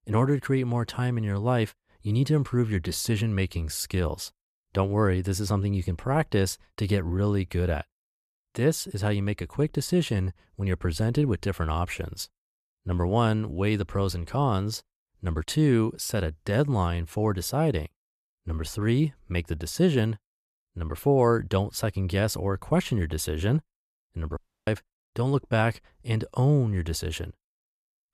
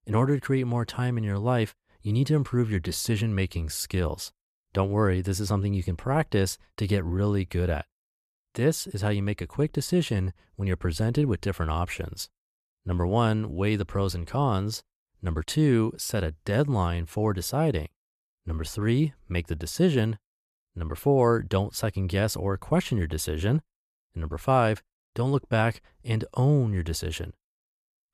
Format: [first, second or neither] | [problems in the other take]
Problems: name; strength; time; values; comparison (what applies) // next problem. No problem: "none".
second | audio cutting out; at 24 s